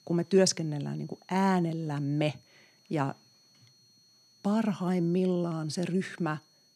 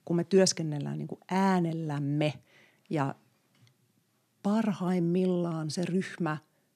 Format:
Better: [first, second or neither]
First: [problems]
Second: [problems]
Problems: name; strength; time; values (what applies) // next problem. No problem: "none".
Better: second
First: high-pitched whine; faint; throughout; 4.5 kHz, 30 dB below the speech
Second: none